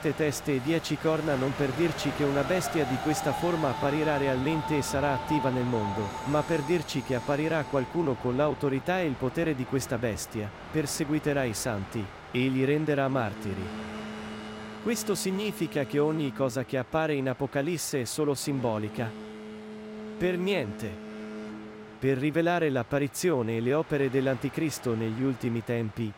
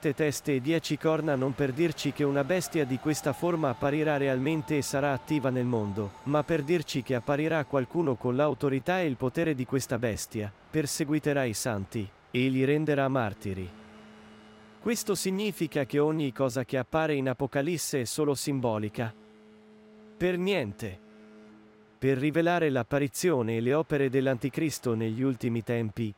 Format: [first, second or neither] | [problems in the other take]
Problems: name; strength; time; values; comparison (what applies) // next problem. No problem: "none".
second | train or aircraft noise; loud; throughout; 10 dB below the speech; faint in the second